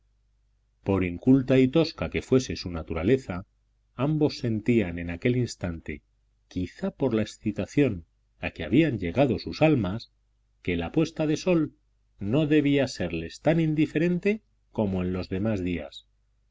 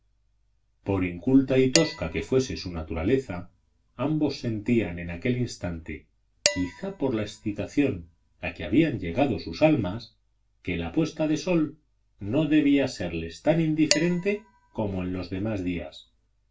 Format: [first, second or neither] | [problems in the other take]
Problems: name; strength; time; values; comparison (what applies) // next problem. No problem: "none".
first | background sound (Dishes, pots, and pans); 9 dB below the speech // room echo; dies away in 0.2 s